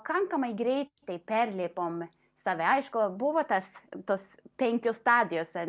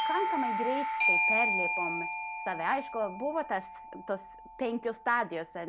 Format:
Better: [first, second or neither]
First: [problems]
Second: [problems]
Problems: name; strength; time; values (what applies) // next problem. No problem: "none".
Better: first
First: none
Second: background sound (Doorbell); 1 dB above the speech